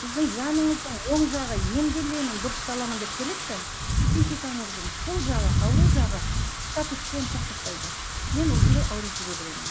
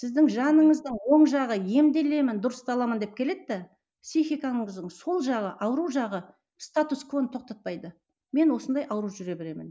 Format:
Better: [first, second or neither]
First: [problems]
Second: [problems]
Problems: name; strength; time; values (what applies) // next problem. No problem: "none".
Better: second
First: background sound (Wind / Rain); 4 dB above the speech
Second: none